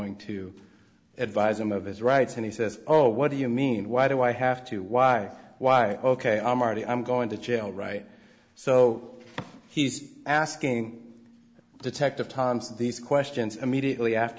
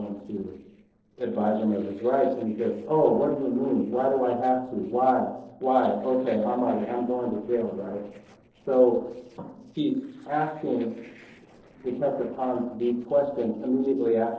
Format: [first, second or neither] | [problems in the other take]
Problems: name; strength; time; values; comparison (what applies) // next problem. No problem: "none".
first | noise reduction (neural separator model SepFormer DNS4)